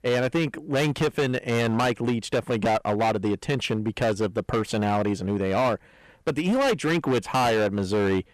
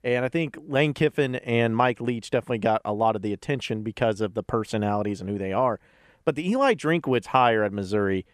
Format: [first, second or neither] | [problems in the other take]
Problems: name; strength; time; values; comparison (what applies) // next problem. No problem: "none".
second | distortion; heavy; 18% of the sound clipped